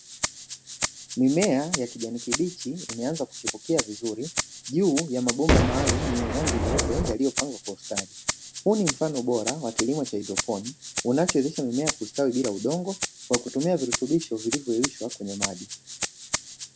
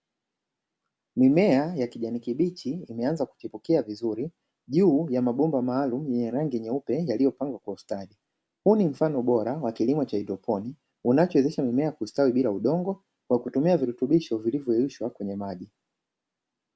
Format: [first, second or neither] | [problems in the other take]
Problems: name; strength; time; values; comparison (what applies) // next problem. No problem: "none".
second | background sound (Rattle (instrument) + Boom); 3 dB below the speech